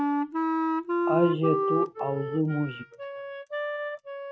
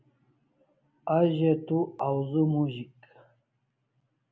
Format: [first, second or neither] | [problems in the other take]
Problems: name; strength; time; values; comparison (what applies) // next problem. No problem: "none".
second | noise reduction (neural mask model RNNoise)